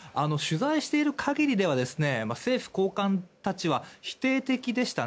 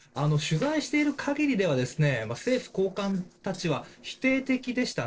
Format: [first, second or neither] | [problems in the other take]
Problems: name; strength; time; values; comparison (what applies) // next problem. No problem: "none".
first | noise reduction (neural separator model SepFormer DNS4)